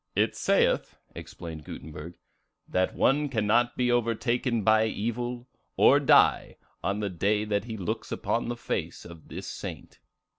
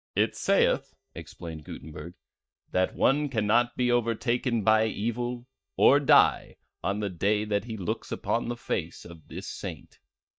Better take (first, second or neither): first